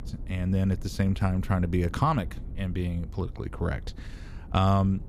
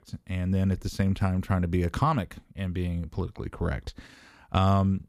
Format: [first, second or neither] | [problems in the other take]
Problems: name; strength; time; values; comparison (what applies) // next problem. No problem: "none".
second | low rumble; faint; throughout; 25 dB below the speech